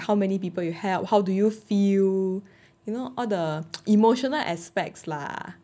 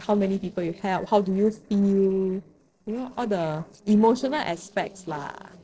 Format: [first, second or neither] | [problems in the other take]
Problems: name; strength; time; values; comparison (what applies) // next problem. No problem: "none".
first | noise reduction (neural separator model SepFormer DNS4)